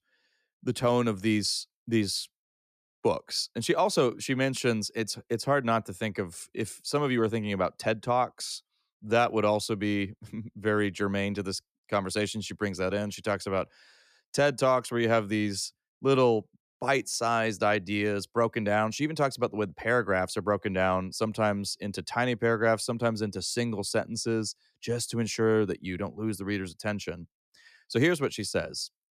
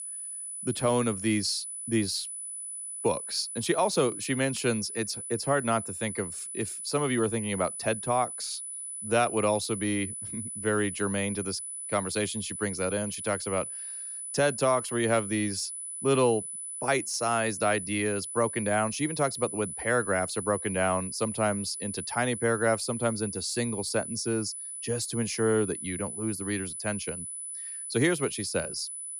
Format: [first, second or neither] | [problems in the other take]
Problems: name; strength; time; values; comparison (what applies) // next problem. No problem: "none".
first | high-pitched whine; loud; throughout; 10 kHz, 6 dB below the speech